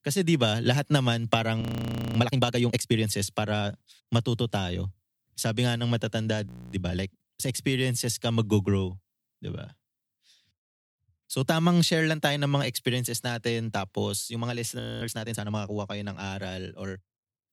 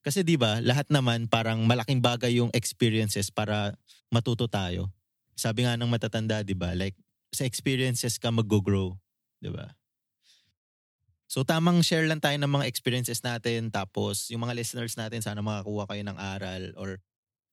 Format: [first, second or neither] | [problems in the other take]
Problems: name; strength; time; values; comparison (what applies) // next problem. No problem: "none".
second | audio freezing; at 1.5 s for 0.5 s, at 6.5 s and at 15 s